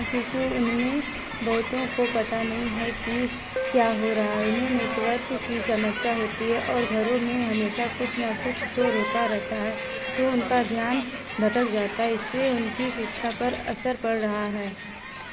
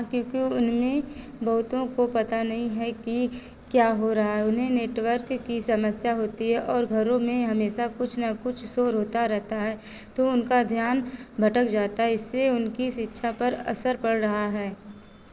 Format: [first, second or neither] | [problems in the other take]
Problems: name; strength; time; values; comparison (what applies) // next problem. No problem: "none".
second | background sound (Keyboard (musical) + Crowd); 6 dB below the speech